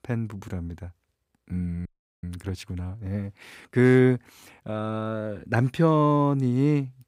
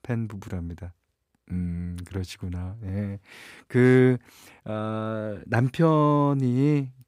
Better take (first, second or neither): second